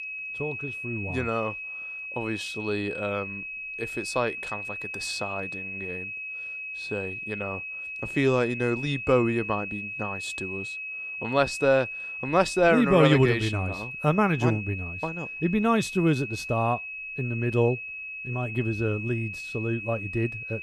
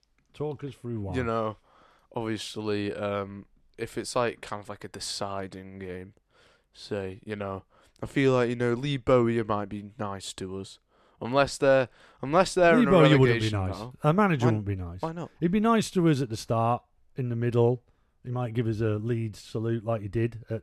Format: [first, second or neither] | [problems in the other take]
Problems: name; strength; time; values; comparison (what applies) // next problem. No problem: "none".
second | high-pitched whine; loud; throughout; 2.5 kHz, 7 dB below the speech